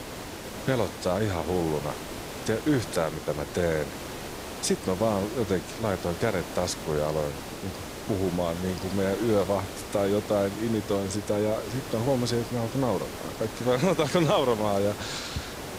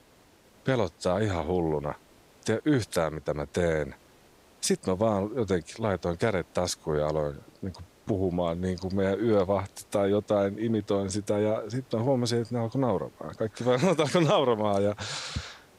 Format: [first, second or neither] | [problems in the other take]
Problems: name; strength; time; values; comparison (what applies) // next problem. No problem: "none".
second | hiss; loud; throughout; 9 dB below the speech; faint in the second